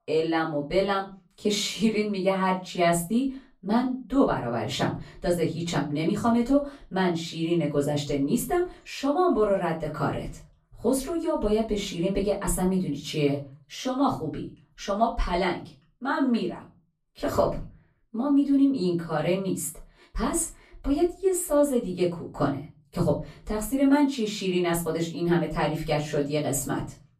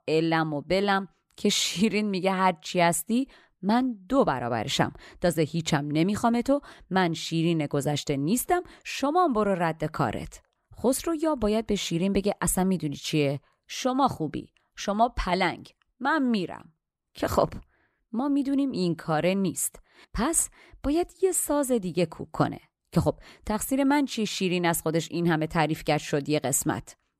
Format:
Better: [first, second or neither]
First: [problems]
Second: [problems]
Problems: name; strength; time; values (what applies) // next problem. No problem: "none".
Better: second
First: off-mic speech; far // room echo; very slight; dies away in 0.3 s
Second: none